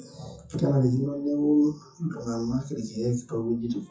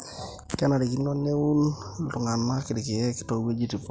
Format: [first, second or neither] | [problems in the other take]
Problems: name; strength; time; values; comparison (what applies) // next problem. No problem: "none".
second | noise reduction (classical method WPE with log-MMSE)